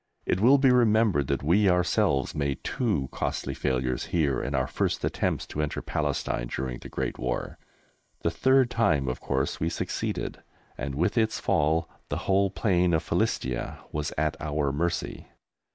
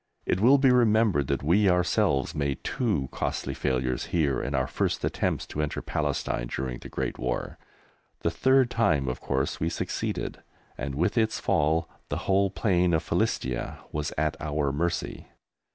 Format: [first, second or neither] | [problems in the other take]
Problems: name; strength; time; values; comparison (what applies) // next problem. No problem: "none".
second | noise reduction (neural mask model Resemble Enhance denoiser)